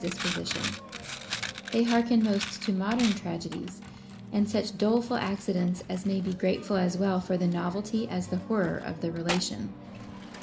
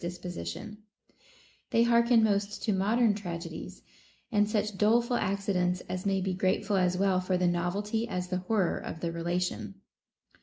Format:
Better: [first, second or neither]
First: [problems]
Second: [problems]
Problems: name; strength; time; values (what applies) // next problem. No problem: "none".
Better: second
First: background sound (Coin (dropping)); 10 dB below the speech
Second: none